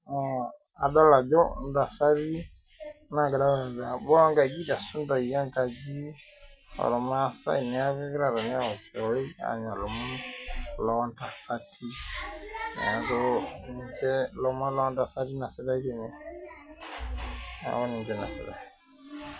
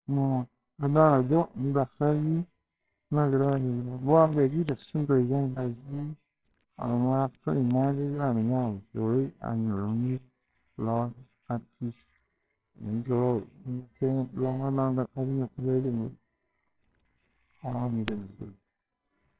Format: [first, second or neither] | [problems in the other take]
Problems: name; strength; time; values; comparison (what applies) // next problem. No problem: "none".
first | noise reduction (neural separator model SepFormer WHAMR!)